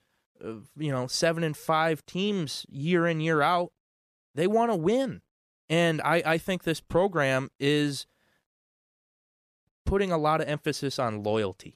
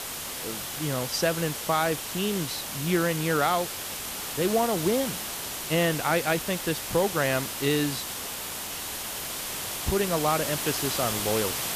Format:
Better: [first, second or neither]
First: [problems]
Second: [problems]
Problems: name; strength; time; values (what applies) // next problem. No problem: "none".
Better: first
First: none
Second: hiss; loud; throughout; 4 dB below the speech